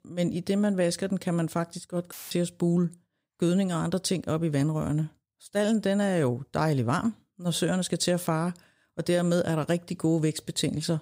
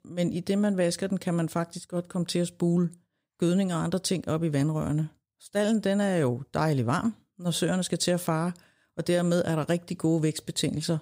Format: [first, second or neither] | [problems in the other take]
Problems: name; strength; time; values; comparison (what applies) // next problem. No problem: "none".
second | audio cutting out; filled with static; at 2 s